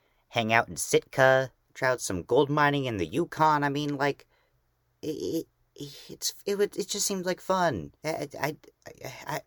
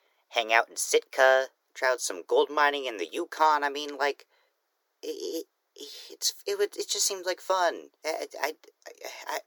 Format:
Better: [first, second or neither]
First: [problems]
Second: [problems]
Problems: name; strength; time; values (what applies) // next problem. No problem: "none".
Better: first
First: none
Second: thin; very; fading below 350 Hz